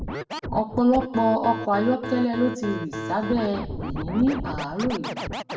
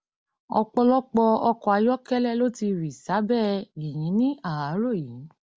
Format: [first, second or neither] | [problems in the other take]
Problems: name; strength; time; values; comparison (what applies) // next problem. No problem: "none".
second | background sound (Scratching (performance technique)); 7 dB below the speech // room echo; dies away in 0.6 s